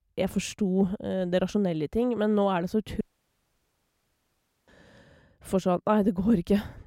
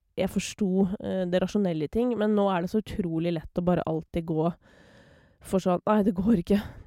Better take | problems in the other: second | audio cutting out; at 3 s for 1.5 s

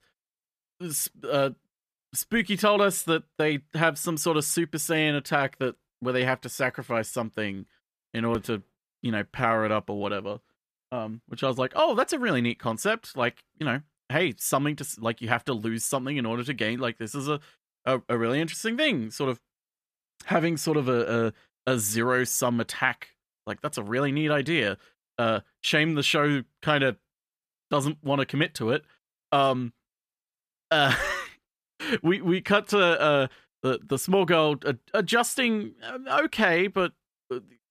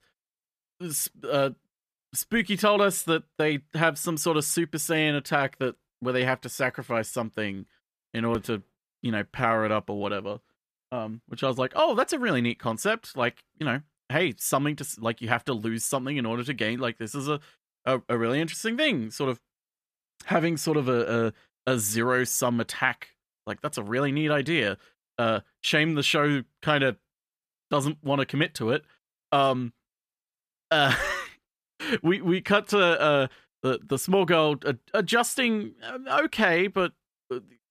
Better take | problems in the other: neither | none

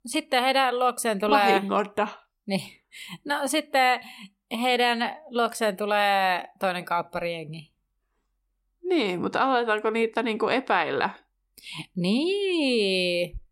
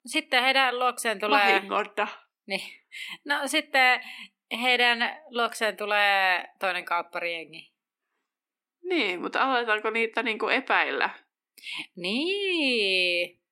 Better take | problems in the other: first | thin; very slightly; fading below 250 Hz

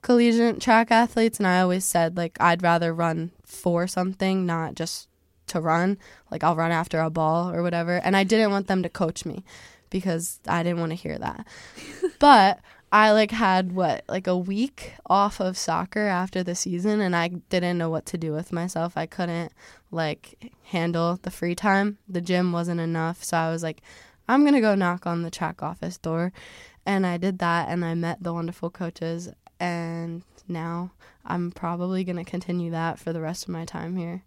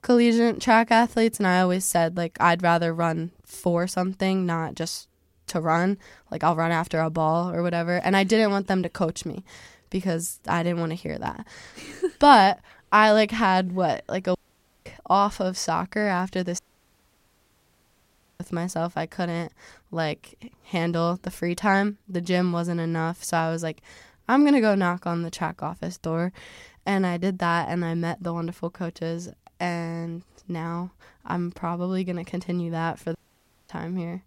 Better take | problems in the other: first | audio cutting out; at 14 s for 0.5 s, at 17 s for 2 s and at 33 s for 0.5 s

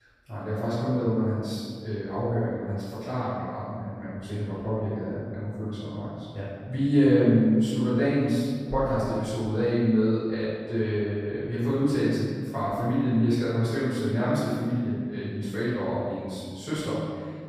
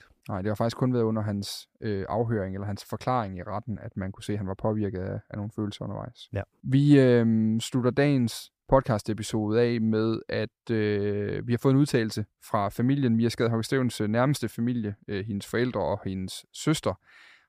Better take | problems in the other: second | off-mic speech; far // room echo; strong; dies away in 1.7 s

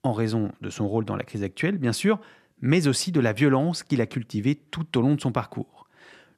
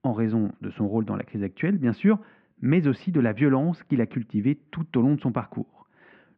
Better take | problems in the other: first | muffled; very; fading above 2.5 kHz

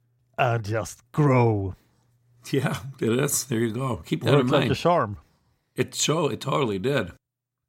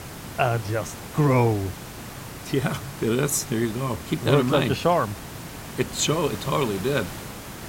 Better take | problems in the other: first | hiss; noticeable; throughout; 10 dB below the speech

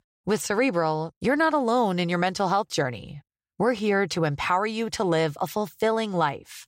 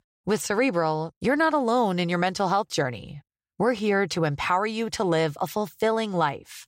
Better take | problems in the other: neither | none

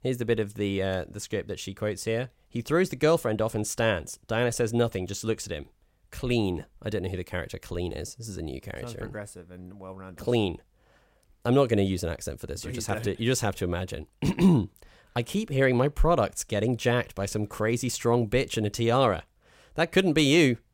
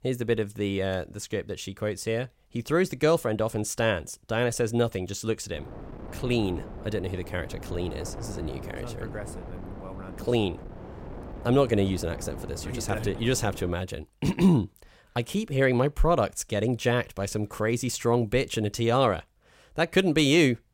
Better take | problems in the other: first | wind noise on the microphone; occasional gusts; from 5.5 to 14 s; 15 dB below the speech

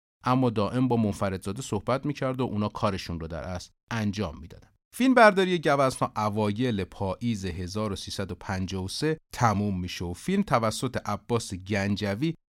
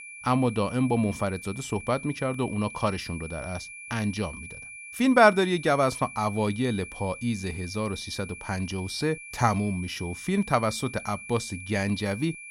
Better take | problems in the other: first | high-pitched whine; noticeable; throughout; 2.5 kHz, 15 dB below the speech

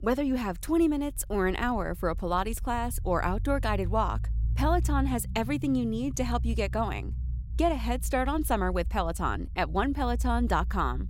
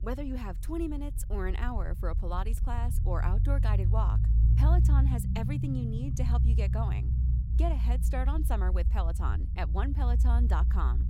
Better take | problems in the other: first | low rumble; loud; throughout; 6 dB below the speech; faint in the first

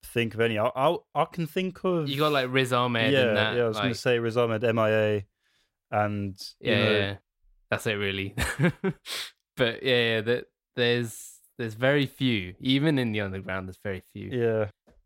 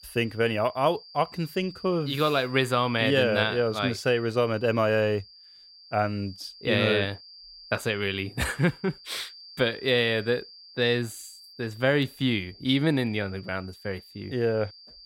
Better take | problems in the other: first | high-pitched whine; noticeable; throughout; 4.5 kHz, 20 dB below the speech

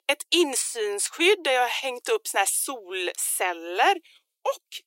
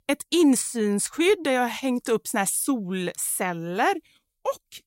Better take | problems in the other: second | thin; very; fading below 350 Hz

